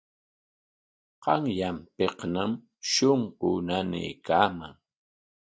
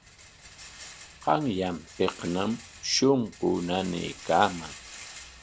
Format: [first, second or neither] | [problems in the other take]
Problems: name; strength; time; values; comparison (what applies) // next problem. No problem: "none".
first | background sound (Rattle); 17 dB below the speech